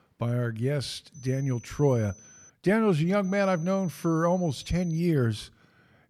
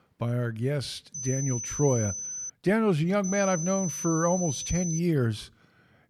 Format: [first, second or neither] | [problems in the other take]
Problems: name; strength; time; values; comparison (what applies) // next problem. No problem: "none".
first | high-pitched whine; loud; from 1 to 2.5 s and from 3 to 5 s; 6 kHz, 6 dB below the speech; faint in the first